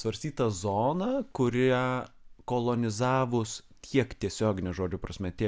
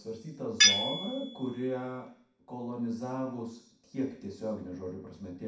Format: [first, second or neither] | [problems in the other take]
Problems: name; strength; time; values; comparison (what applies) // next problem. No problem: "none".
first | background sound (Tools); 5 dB above the speech // room echo; dies away in 0.6 s